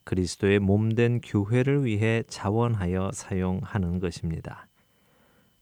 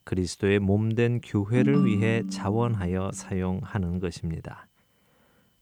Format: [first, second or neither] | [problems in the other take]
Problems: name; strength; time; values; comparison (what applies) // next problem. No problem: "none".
first | phone ringing; loud; from 1.5 to 3 s; peak 2 dB above the speech